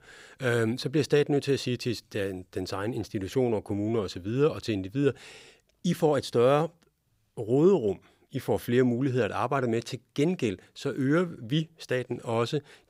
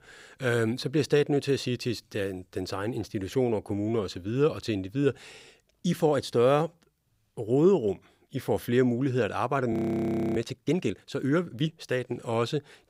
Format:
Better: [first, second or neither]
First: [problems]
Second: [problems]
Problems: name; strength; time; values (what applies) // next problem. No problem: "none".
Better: first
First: none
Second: audio freezing; at 9.5 s for 0.5 s